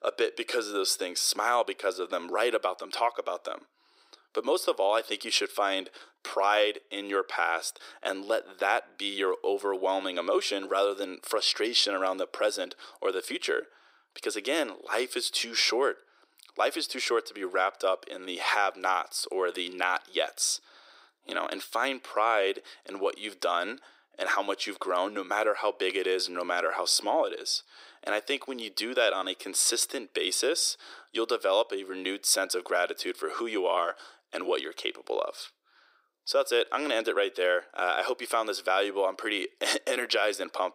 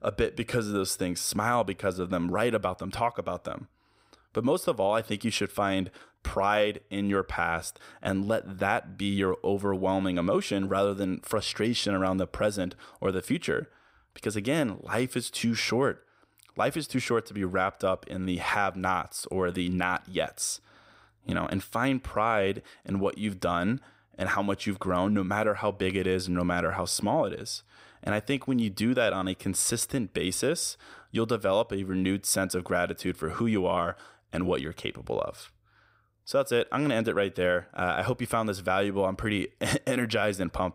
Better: second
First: thin; very; fading below 350 Hz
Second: none

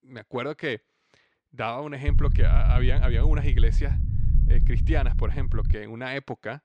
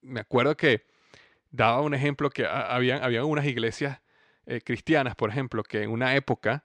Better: second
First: low rumble; loud; from 2 to 5.5 s; 9 dB below the speech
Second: none

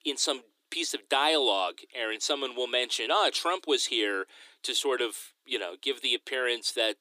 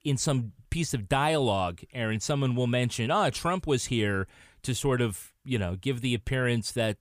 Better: second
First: thin; very; fading below 300 Hz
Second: none

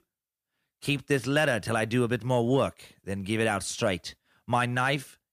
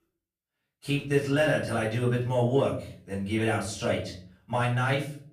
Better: first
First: none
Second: off-mic speech; far // room echo; slight; dies away in 0.5 s

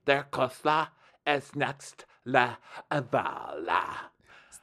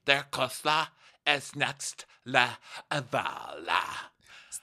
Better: second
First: muffled; slightly; fading above 2.5 kHz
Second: none

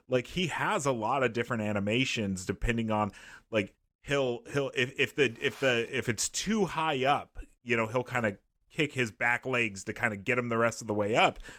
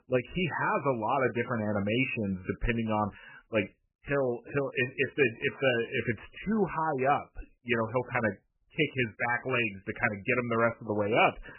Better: first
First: none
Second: garbled, watery; badly; nothing above 3 kHz

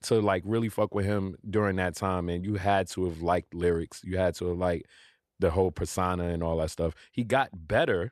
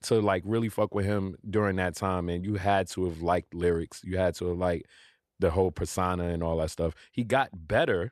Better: neither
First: none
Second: none

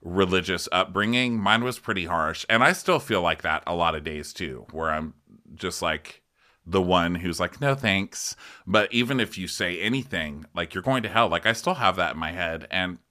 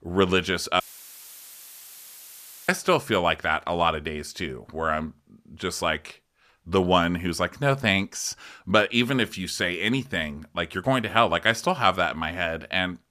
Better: first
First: none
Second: audio cutting out; filled with static; at 1 s for 2 s

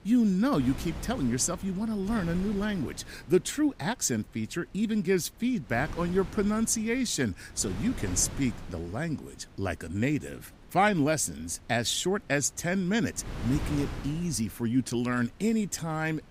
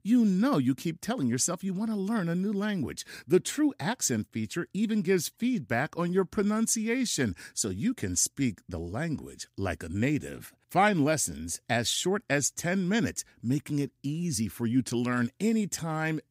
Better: second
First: wind noise on the microphone; occasional gusts; 15 dB below the speech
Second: none

